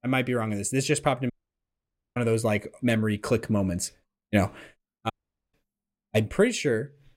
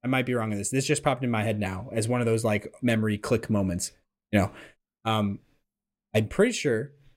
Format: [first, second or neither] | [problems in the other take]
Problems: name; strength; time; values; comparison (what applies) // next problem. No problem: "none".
second | audio cutting out; at 1.5 s for 1 s and at 5 s